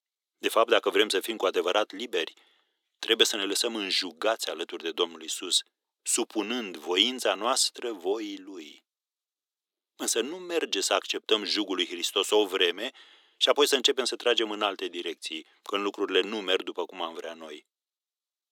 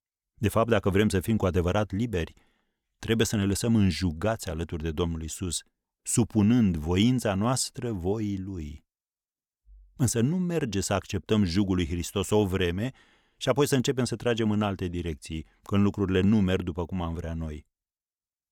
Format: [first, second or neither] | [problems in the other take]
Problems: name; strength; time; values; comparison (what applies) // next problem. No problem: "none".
second | thin; very; fading below 300 Hz